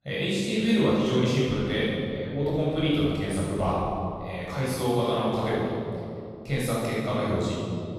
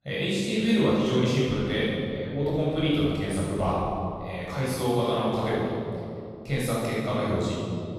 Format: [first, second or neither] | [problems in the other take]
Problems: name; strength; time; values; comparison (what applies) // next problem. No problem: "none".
neither | room echo; strong; dies away in 2.3 s; the same in both // off-mic speech; far; the same in both